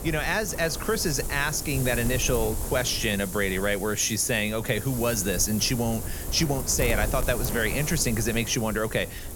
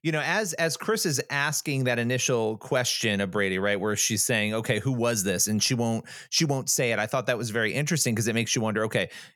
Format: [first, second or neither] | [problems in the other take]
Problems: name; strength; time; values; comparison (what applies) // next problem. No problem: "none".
second | wind noise on the microphone; occasional gusts; 10 dB below the speech